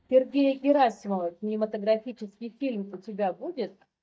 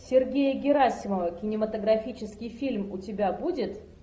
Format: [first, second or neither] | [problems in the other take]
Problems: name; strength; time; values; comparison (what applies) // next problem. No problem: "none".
second | noise reduction (neural mask model DeepFilterNet 3)